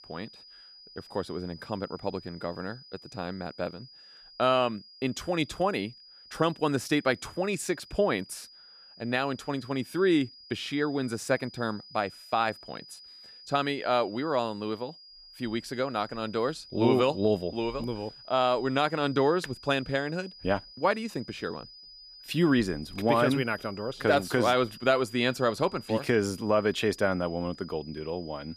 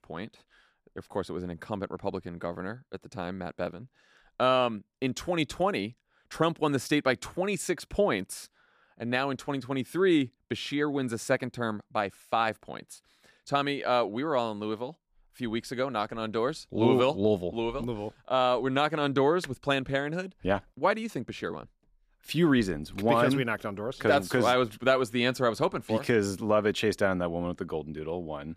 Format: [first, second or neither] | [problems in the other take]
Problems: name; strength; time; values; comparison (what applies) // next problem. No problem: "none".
second | high-pitched whine; noticeable; throughout; 5 kHz, 20 dB below the speech